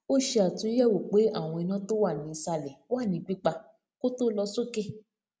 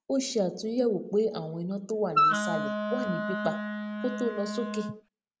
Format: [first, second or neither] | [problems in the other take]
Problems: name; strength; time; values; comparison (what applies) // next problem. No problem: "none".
first | background sound (Wind instrument, woodwind instrument); 1 dB above the speech